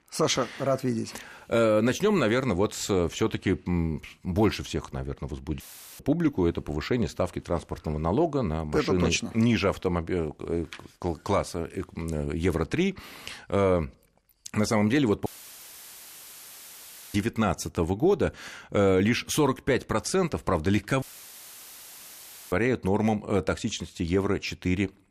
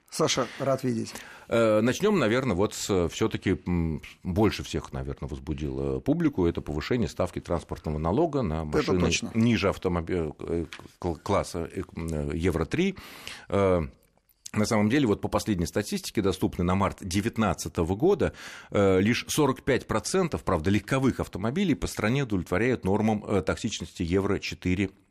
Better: second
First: audio cutting out; filled with static; at 5.5 s, at 15 s for 2 s and at 21 s for 1.5 s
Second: none

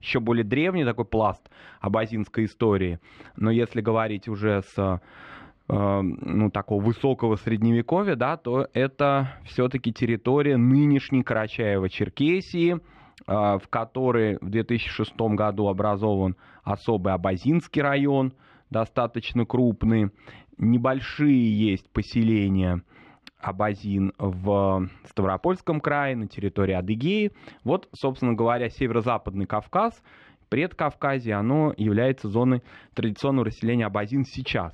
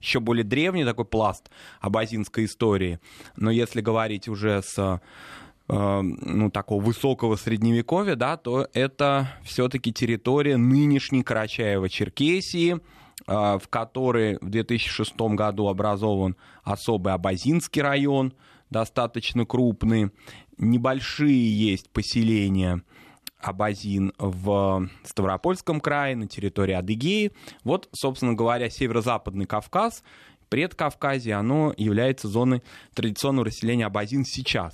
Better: second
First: muffled; slightly; fading above 2.5 kHz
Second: none

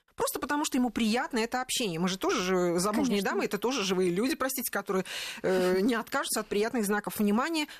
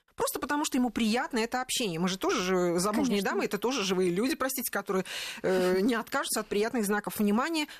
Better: neither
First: none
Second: none

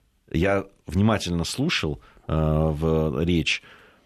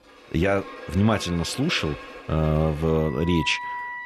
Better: first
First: none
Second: background music; noticeable; throughout; 10 dB below the speech

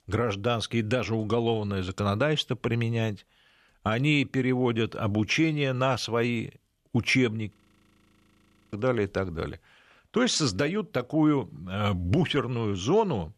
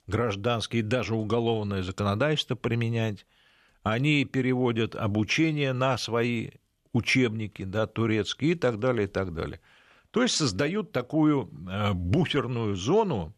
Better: second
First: audio freezing; at 7.5 s for 1 s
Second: none

